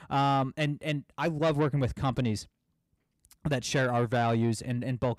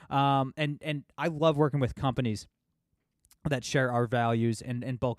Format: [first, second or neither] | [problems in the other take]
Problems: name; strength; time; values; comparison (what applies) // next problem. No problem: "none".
second | distortion; slight; 10 dB below the speech